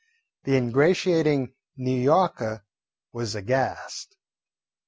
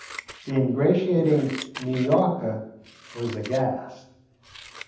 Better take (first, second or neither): first